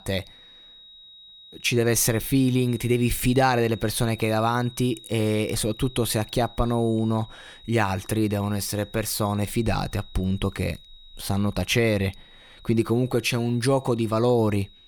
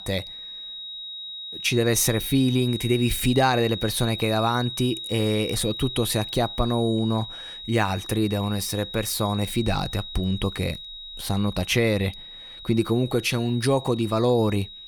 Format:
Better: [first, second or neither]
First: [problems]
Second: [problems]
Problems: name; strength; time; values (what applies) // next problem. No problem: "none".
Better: first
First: high-pitched whine; faint; throughout; 4 kHz, 20 dB below the speech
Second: high-pitched whine; loud; throughout; 4 kHz, 10 dB below the speech